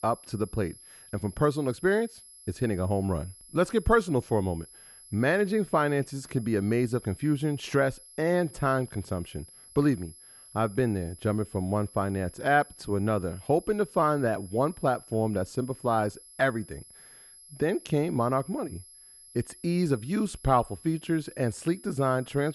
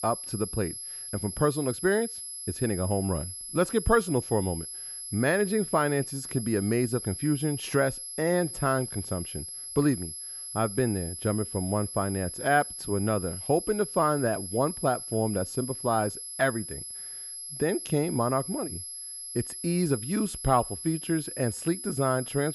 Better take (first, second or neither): first